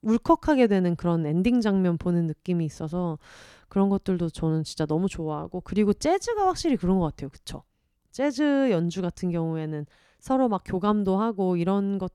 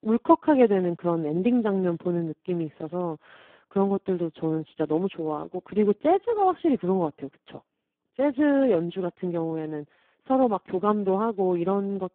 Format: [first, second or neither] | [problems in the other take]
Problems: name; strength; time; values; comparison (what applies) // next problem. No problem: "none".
first | phone-call audio; poor line